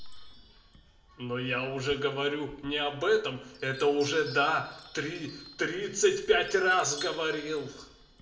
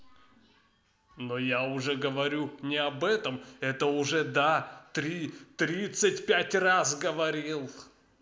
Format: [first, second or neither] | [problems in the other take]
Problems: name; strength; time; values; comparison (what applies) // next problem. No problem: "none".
second | background sound (Chime); 19 dB below the speech // room echo; dies away in 0.6 s